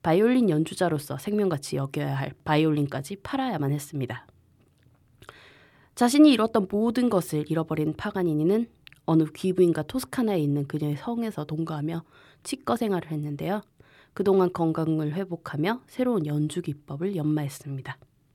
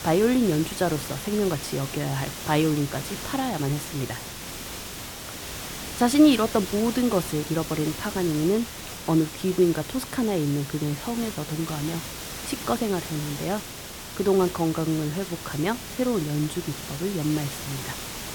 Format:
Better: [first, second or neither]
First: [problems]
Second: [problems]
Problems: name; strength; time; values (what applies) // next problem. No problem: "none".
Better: first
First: none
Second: hiss; loud; throughout; 9 dB below the speech